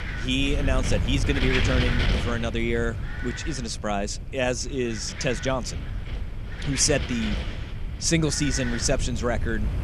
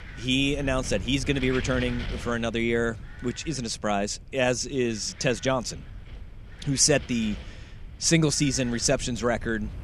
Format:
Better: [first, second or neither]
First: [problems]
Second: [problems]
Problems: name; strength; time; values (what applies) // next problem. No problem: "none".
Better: second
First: wind noise on the microphone; heavy; 6 dB below the speech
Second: wind noise on the microphone; occasional gusts; 15 dB below the speech